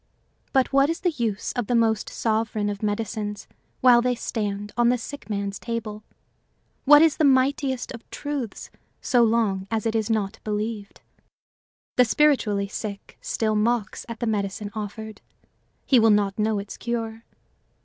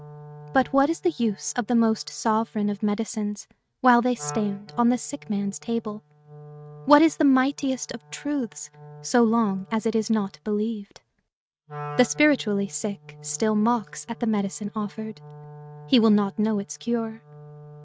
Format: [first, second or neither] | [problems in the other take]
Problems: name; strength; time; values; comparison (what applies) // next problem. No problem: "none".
first | noise reduction (neural mask model RNNoise)